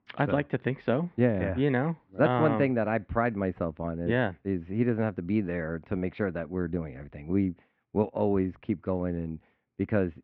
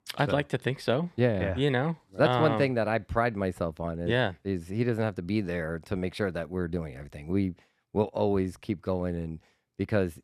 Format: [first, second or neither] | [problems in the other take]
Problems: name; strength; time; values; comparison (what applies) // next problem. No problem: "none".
second | muffled; very; fading above 2.5 kHz